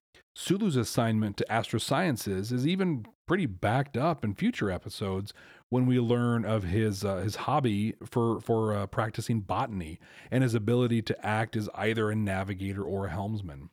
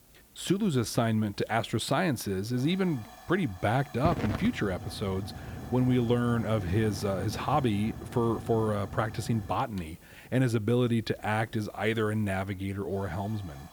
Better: first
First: none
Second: hiss; noticeable; throughout; 10 dB below the speech

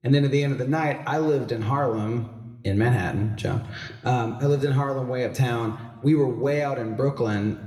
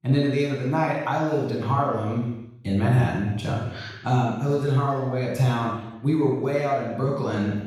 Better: first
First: room echo; slight; dies away in 1 s // off-mic speech; somewhat distant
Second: room echo; strong; dies away in 0.9 s // off-mic speech; far

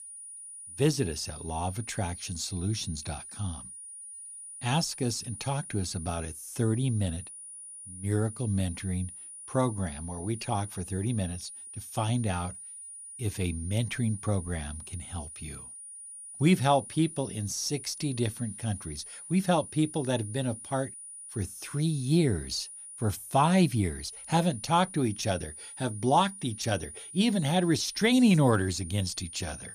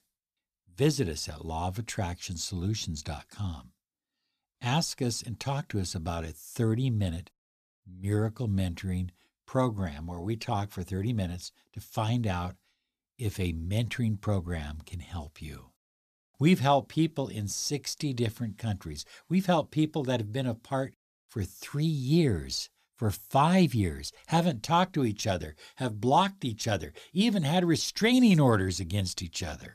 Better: second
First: high-pitched whine; noticeable; throughout; 9.5 kHz, 10 dB below the speech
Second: none

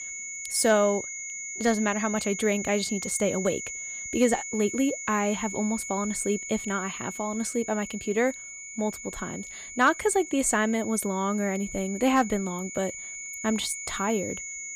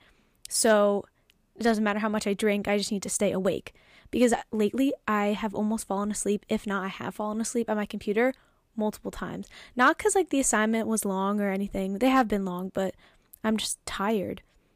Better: second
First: high-pitched whine; loud; throughout; 7 kHz, 8 dB below the speech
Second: none

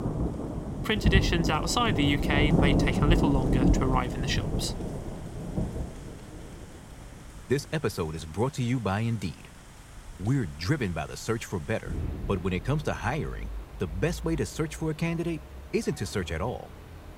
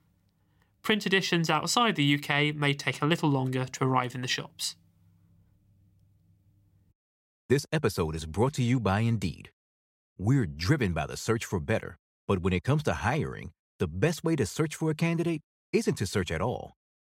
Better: second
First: rain or running water; very loud; throughout; as loud as the speech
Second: none

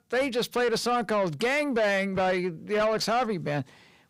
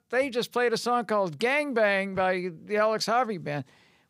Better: second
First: distortion; slight; 10 dB below the speech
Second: none

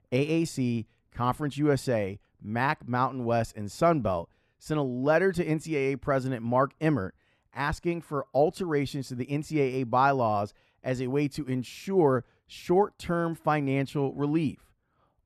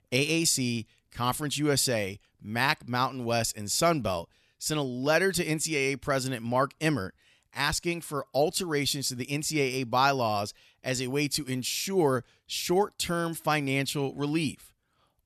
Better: second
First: muffled; very; fading above 2.5 kHz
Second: none

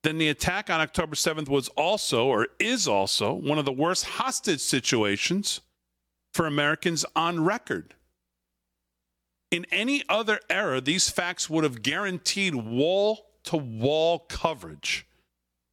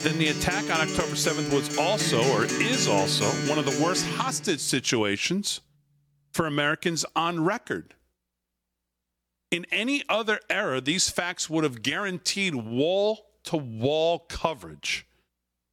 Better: first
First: none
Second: background music; loud; until 6 s; 3 dB below the speech

